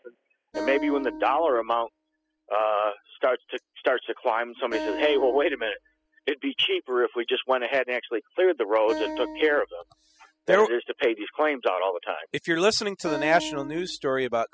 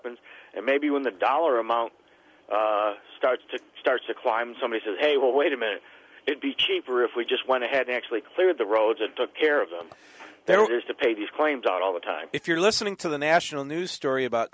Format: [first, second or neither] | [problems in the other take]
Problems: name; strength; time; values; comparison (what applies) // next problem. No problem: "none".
second | noise reduction (classical method spectral subtraction)